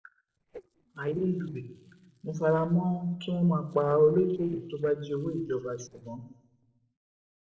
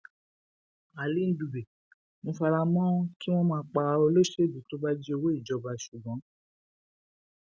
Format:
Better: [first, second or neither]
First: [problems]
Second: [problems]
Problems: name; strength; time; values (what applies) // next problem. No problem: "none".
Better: second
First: noise reduction (neural separator model SepFormer DNS4)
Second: none